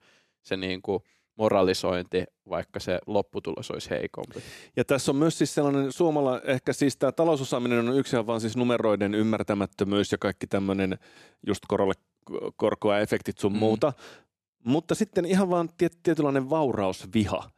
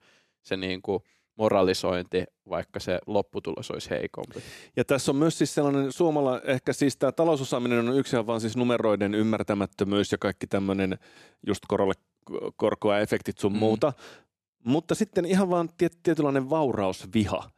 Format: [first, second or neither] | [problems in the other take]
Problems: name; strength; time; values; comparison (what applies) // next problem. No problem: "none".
neither | none